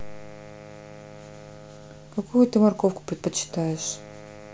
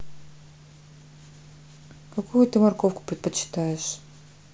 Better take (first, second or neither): second